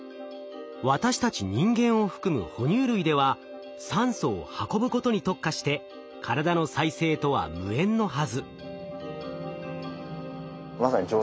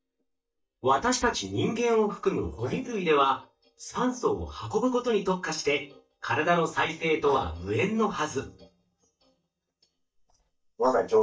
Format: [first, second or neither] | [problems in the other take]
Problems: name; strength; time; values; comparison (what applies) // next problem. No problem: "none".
first | noise reduction (neural mask model DeepFilterNet 3)